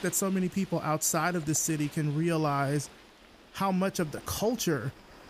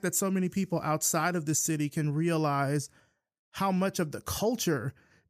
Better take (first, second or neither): second